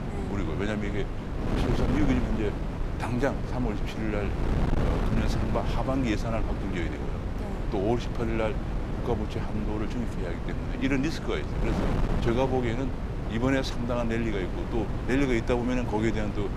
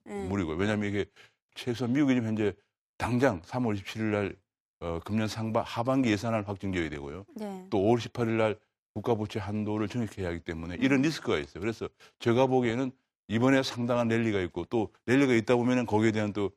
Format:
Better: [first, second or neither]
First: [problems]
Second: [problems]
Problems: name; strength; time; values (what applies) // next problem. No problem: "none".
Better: second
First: wind noise on the microphone; heavy; 5 dB below the speech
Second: none